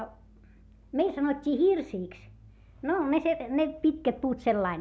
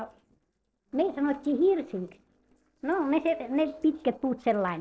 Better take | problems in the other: first | noise reduction (neural separator model SepFormer DNS4)

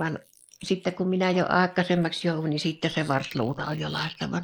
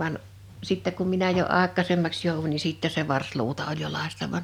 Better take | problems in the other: second | noise reduction (neural mask model Resemble Enhance denoiser)

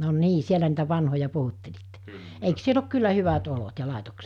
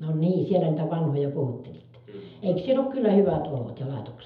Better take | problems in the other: first | room echo; dies away in 0.7 s

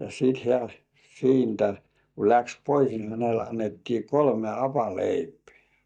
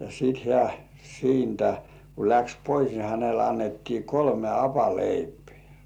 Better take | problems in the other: second | noise reduction (neural mask model DeepFilterNet 3)

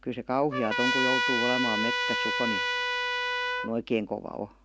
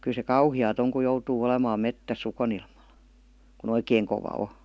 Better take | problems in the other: second | background sound (Trumpet); 2 dB above the speech

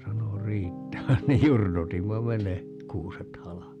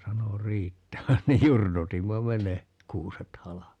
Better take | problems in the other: second | background sound (Piano); 11 dB below the speech

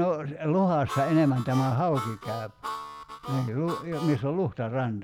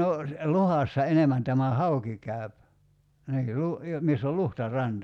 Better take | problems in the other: second | background sound (Harmonica); 11 dB below the speech

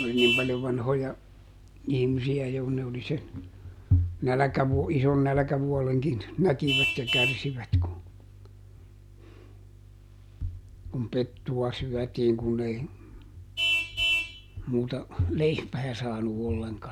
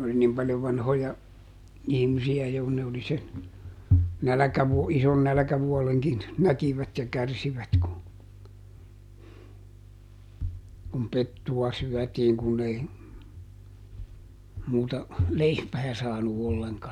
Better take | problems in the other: second | background sound (Vehicle horn, car horn, honking); 7 dB below the speech

